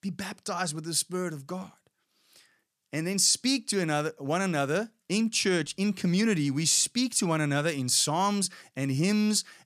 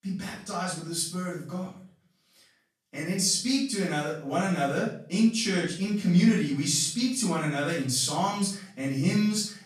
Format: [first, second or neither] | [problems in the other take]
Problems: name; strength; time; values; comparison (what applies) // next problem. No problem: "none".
first | off-mic speech; far // room echo; noticeable; dies away in 0.5 s